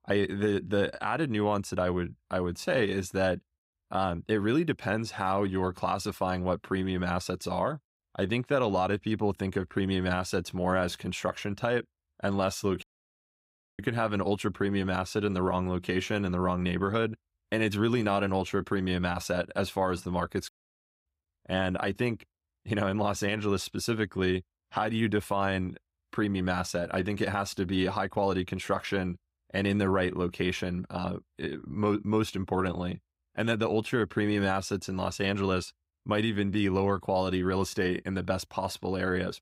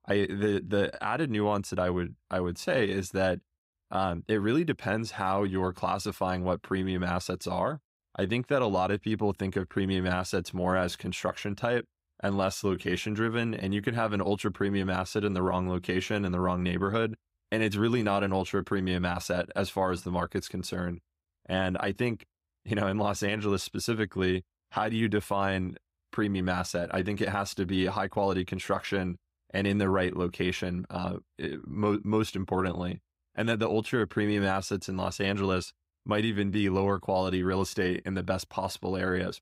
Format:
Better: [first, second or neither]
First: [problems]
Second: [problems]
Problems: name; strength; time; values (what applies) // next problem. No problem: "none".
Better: second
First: audio cutting out; at 13 s for 1 s and at 20 s for 0.5 s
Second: none